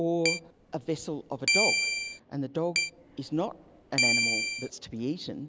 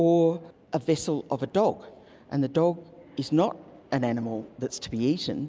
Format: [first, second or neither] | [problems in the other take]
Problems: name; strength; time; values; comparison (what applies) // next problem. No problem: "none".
second | background sound (Keyboard (musical)); 3 dB above the speech